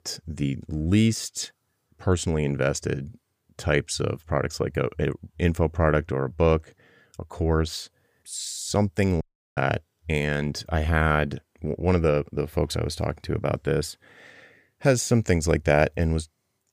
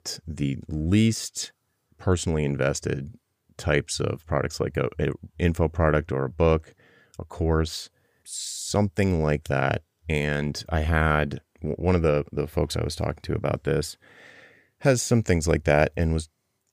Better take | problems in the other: second | audio cutting out; at 9 s

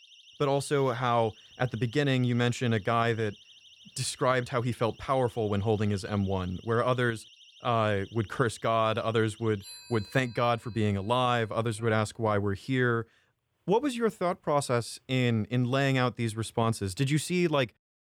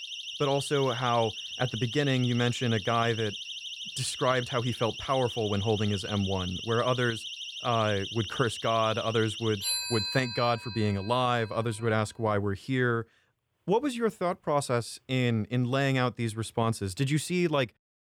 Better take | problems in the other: first | alarms or sirens; loud; until 12 s; 7 dB below the speech; faint in the first

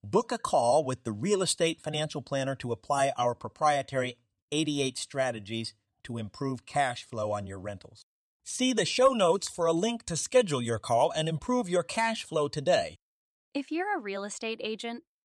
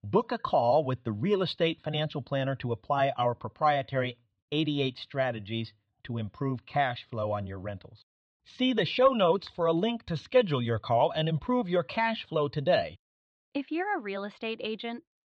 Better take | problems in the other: first | muffled; slightly; fading above 4 kHz

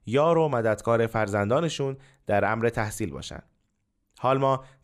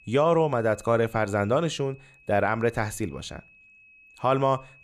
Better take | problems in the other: first | high-pitched whine; faint; throughout; 2.5 kHz, 30 dB below the speech

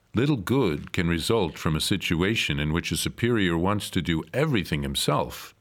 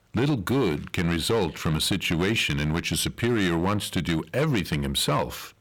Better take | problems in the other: first | distortion; slight; 8% of the sound clipped

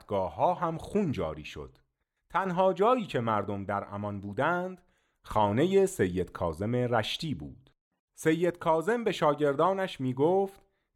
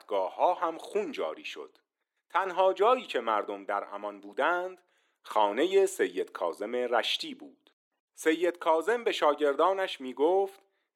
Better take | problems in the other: first | thin; somewhat; fading below 300 Hz

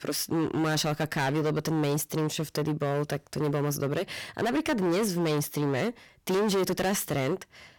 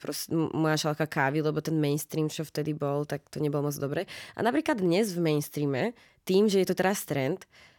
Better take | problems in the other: second | distortion; heavy; 19% of the sound clipped

